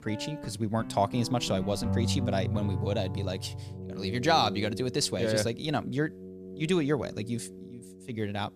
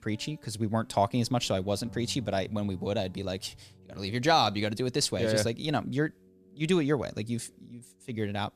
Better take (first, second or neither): second